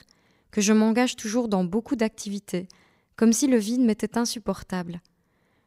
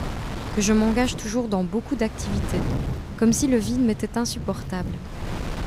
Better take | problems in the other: first | wind noise on the microphone; heavy; 10 dB below the speech

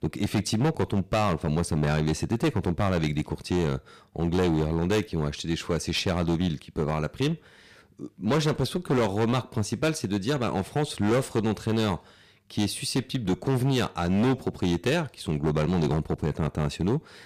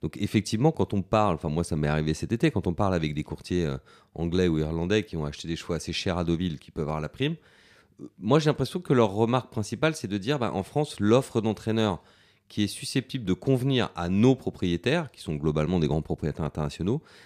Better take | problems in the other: second | distortion; heavy; 14% of the sound clipped

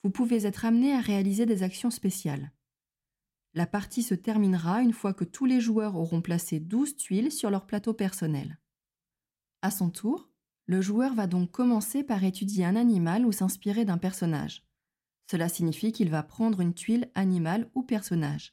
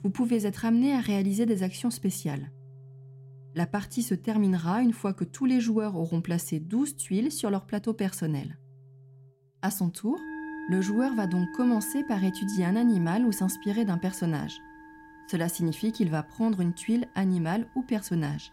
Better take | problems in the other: first | background music; noticeable; throughout; 15 dB below the speech

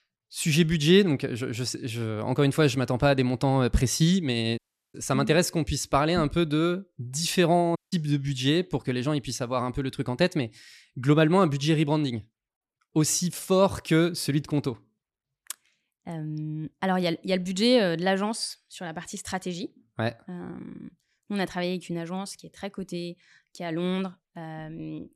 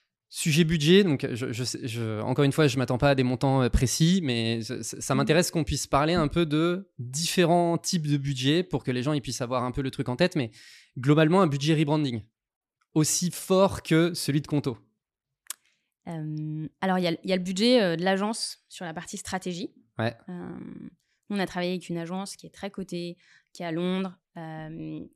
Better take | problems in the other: second | audio cutting out; at 4.5 s and at 8 s

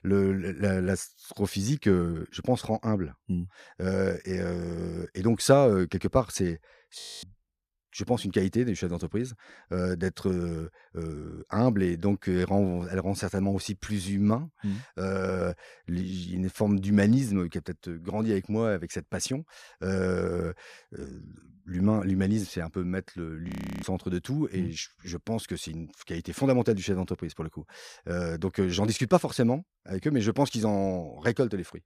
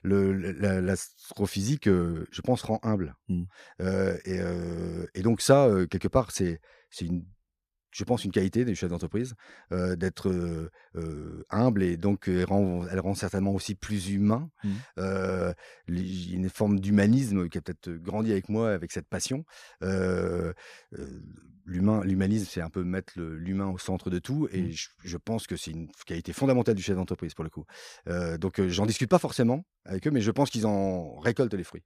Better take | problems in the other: second | audio freezing; at 7 s and at 23 s

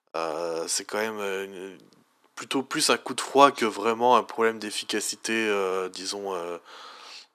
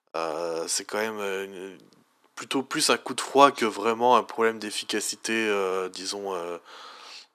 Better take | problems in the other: neither | thin; very; fading below 300 Hz; the same in both

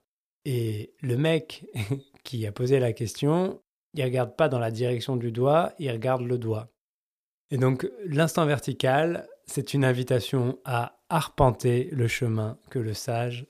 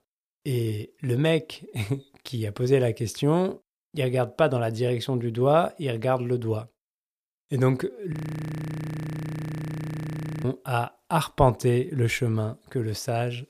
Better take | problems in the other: first | audio freezing; at 8 s for 2.5 s

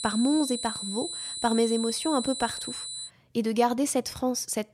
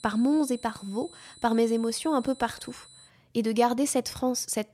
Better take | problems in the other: second | high-pitched whine; loud; until 3 s; 4 kHz, 5 dB below the speech; faint in the second

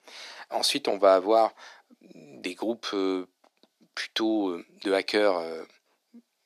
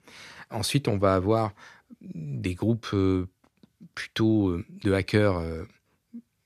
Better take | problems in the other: second | thin; somewhat; fading below 300 Hz

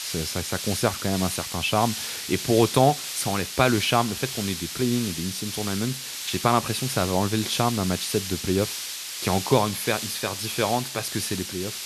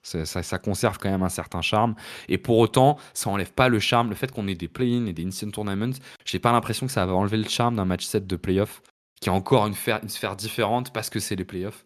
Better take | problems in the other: second | hiss; loud; throughout; 5 dB below the speech

